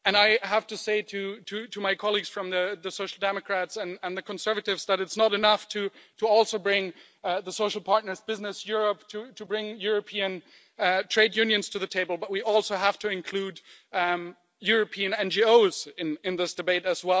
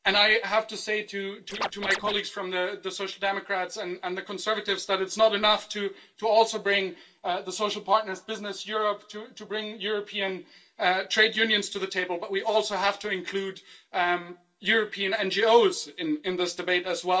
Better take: first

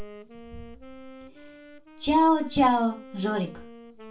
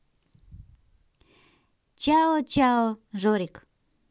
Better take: second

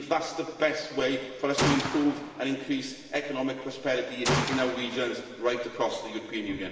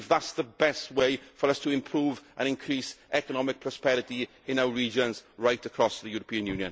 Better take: second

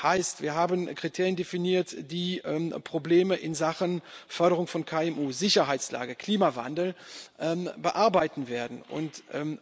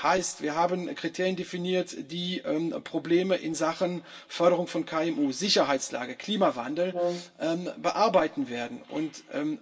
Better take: first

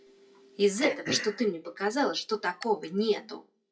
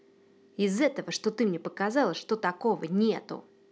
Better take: second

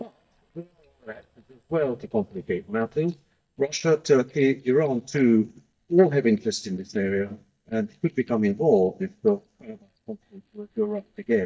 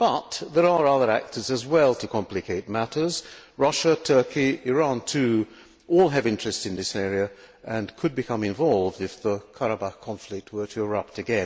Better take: second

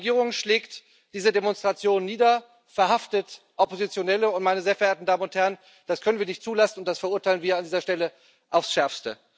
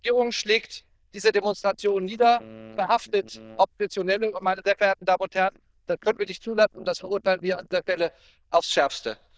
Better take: first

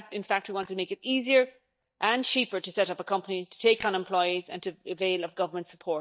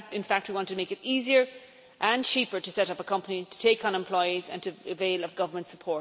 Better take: second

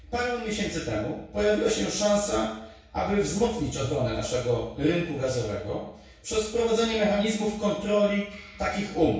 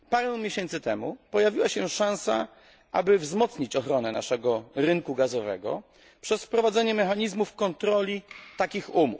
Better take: second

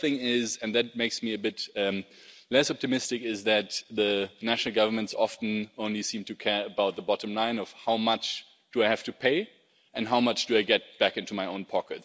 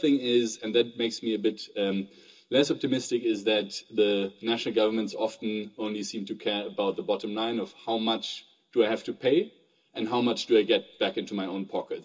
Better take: first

